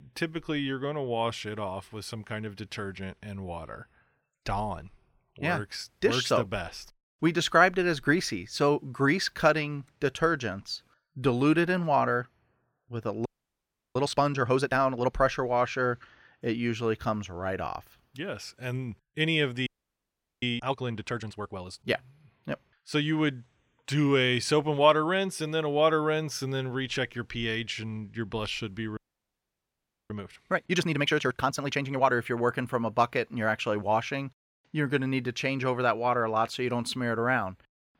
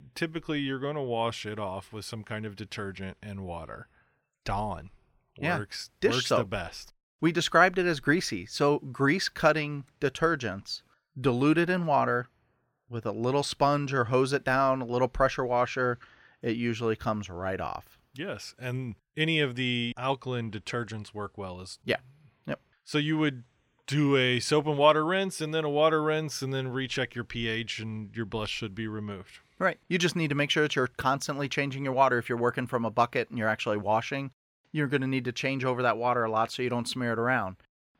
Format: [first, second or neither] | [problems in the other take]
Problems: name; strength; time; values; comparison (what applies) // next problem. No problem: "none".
second | audio freezing; at 13 s for 0.5 s, at 20 s for 1 s and at 29 s for 1 s